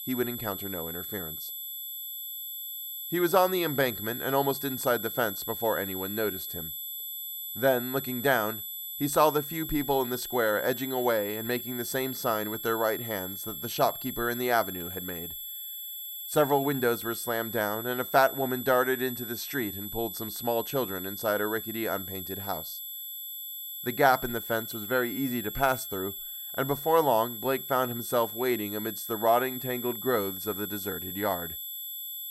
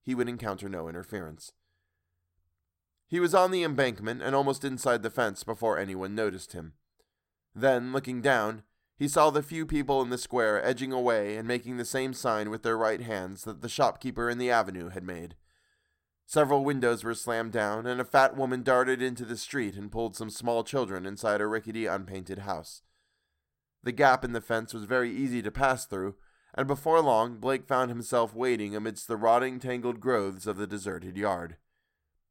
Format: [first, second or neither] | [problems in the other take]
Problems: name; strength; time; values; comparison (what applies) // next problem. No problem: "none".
second | high-pitched whine; loud; throughout; 12 kHz, 6 dB below the speech